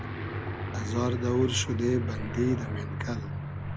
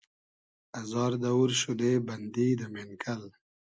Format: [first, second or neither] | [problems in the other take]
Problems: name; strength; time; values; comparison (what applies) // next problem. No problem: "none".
second | background sound (Aircraft); 2 dB below the speech